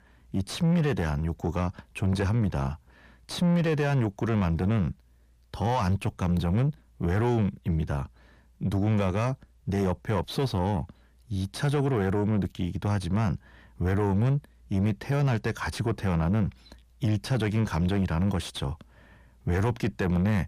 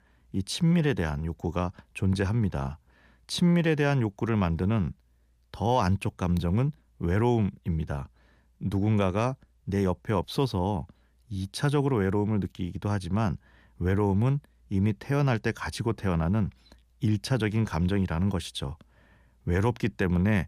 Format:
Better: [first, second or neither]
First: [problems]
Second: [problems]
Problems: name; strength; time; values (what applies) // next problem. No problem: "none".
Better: second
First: distortion; slight; 10 dB below the speech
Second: none